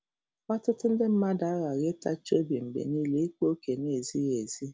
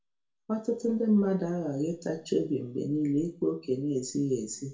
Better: first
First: none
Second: room echo; dies away in 0.3 s

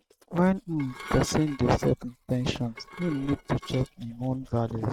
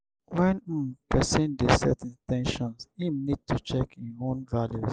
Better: second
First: noise reduction (neural mask model RNNoise)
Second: none

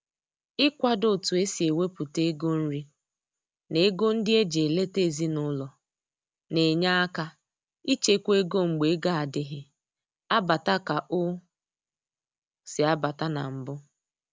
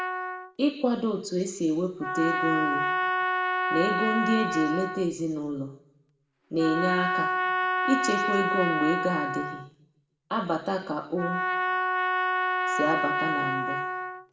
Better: first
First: none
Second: background sound (Trumpet); 1 dB above the speech // room echo; dies away in 0.7 s

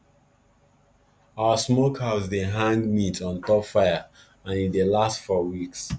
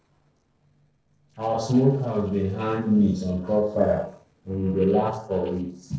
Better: first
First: none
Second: noise reduction (neural separator model SepFormer DNS4)

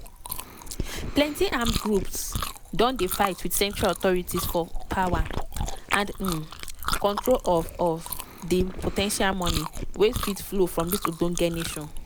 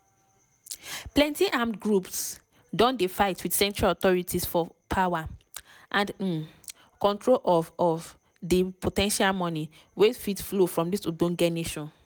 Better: second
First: background sound (Chewing, mastication); 4 dB below the speech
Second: none

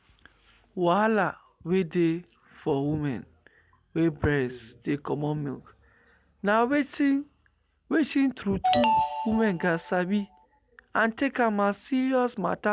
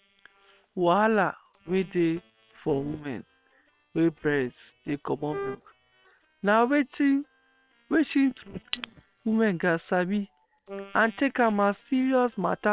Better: first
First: none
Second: noise reduction (neural separator model SepFormer WHAM!)

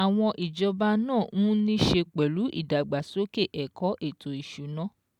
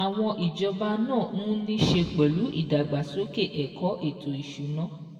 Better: first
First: none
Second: room echo; dies away in 2 s

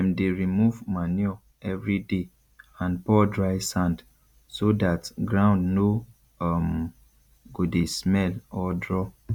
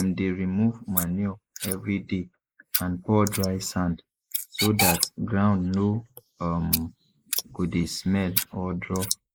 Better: first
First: none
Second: noise reduction (neural mask model Resemble Enhance denoiser)

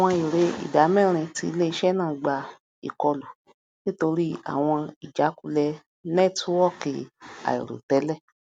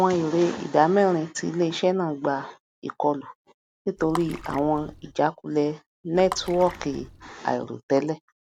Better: first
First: none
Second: background sound (Water / Splash, splatter); 15 dB below the speech

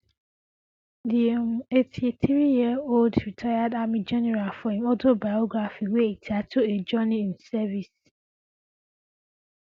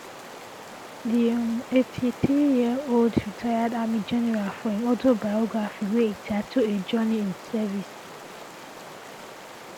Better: first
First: none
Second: background sound (Stream); 15 dB below the speech

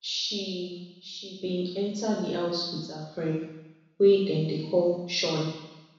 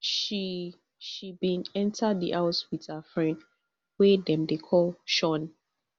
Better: second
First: room echo; dies away in 1 s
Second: none

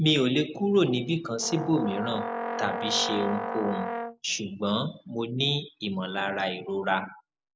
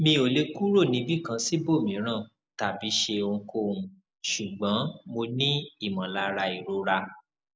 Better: second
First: background sound (Brass instrument); 5 dB below the speech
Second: none

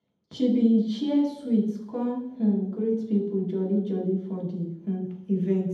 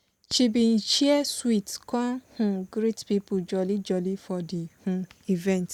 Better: second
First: room echo; dies away in 0.8 s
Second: none

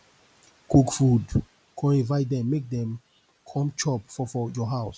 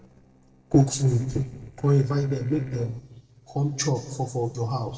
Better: first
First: none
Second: noise reduction (neural separator model SepFormer DNS4)

